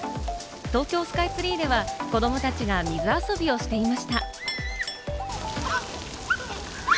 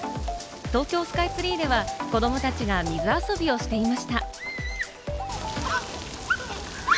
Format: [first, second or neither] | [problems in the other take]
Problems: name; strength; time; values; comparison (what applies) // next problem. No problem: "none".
second | background sound (Chink, clink); 19 dB below the speech